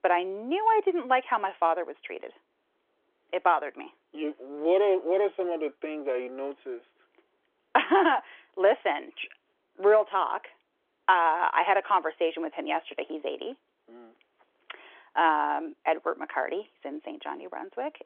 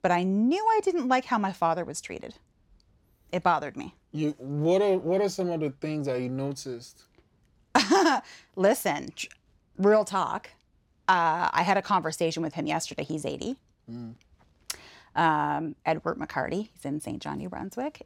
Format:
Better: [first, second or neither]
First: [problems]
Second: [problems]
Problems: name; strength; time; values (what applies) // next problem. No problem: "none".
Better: second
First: phone-call audio; nothing above 3.5 kHz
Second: none